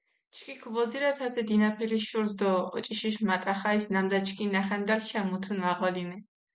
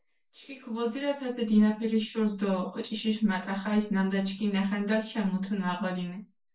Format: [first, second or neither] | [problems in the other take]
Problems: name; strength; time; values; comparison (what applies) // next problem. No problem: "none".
first | room echo; dies away in 0.2 s